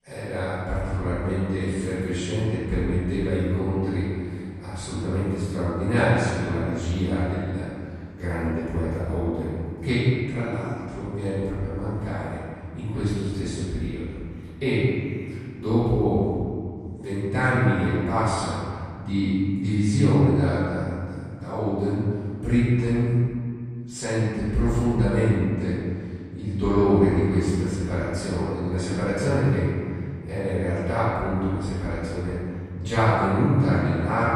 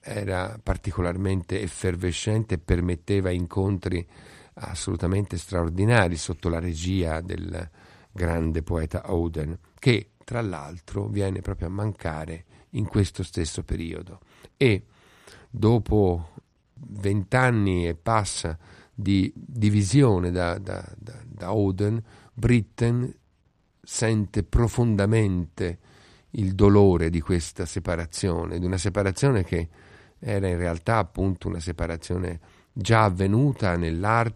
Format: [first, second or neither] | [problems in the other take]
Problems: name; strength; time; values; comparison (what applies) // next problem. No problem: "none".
second | off-mic speech; far // room echo; strong; dies away in 2.1 s